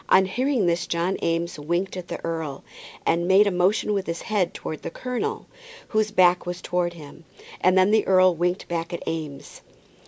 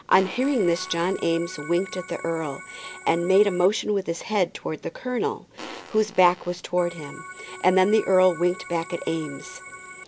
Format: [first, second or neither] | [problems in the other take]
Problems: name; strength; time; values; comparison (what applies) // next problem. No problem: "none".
first | background sound (Organ + Fart); 16 dB below the speech